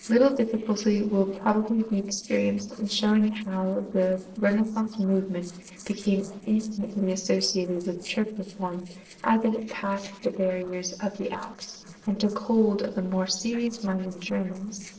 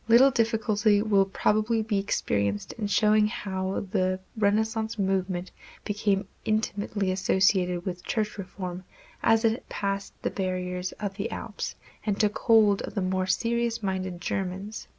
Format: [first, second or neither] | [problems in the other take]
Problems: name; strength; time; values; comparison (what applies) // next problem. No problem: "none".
second | noise reduction (neural separator model SepFormer DNS4)